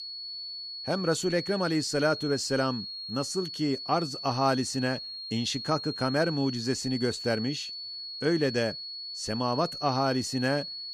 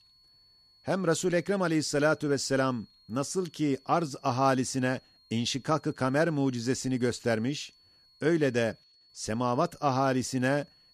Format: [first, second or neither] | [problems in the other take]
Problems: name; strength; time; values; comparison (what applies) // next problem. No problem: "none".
second | high-pitched whine; loud; throughout; 4.5 kHz, 7 dB below the speech; faint in the second